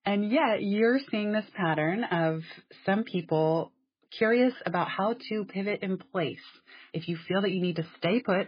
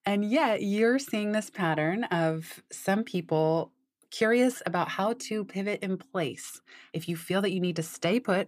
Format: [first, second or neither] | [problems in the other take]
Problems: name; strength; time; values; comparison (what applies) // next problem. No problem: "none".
second | garbled, watery; badly